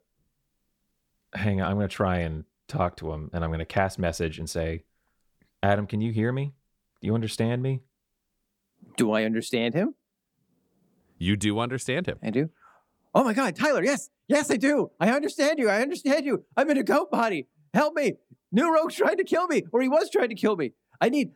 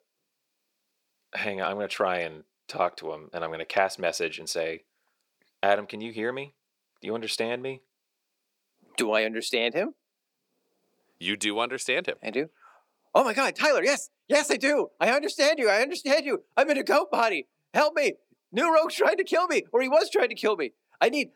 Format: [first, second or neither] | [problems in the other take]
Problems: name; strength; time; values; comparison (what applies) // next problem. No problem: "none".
first | thin; somewhat; fading below 450 Hz